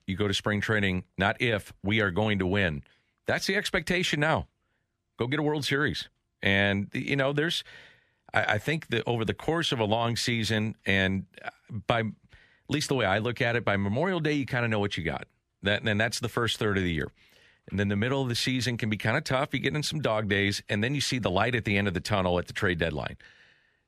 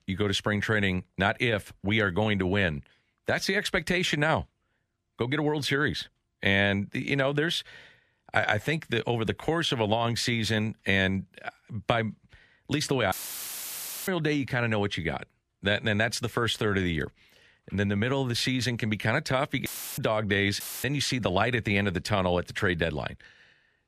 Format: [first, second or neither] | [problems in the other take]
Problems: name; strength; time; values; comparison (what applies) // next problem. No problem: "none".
first | audio cutting out; filled with static; at 13 s for 1 s, at 20 s and at 21 s